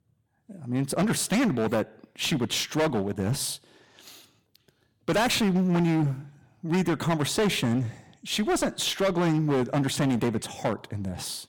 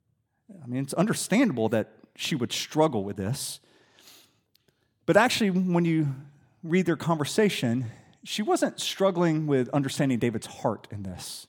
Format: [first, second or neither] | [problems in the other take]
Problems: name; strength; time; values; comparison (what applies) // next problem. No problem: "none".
second | distortion; heavy; 16% of the sound clipped